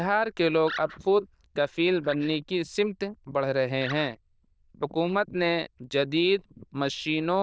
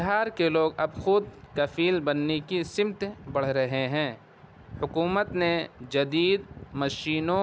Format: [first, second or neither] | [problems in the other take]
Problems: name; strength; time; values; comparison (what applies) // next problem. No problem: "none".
second | noise reduction (neural diffusion model UNIVERSE++)